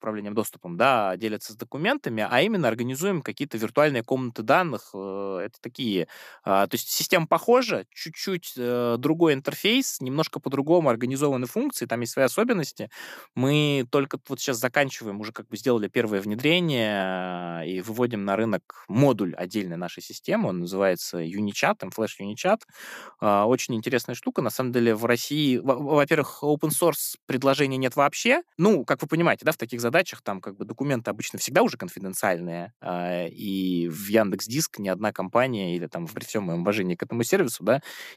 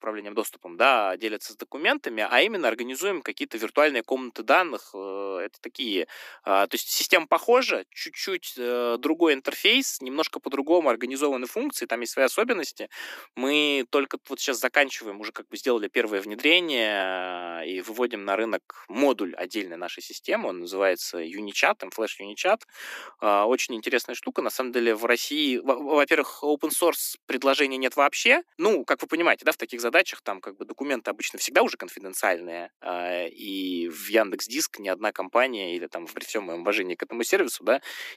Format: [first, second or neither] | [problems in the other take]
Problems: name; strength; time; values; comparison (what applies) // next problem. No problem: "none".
first | thin; very slightly; fading below 250 Hz